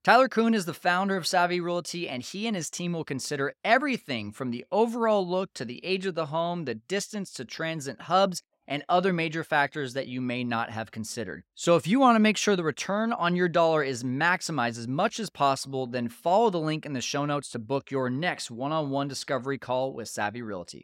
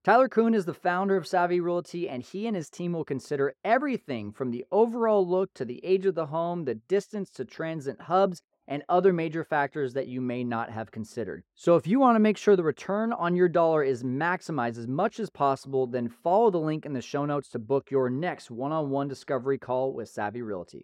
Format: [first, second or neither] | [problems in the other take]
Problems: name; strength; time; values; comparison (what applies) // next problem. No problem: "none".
first | muffled; slightly; fading above 2 kHz